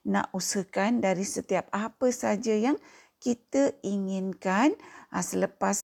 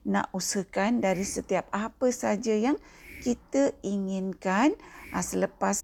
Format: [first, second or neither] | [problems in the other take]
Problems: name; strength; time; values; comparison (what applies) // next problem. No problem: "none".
first | hiss; faint; throughout; 20 dB below the speech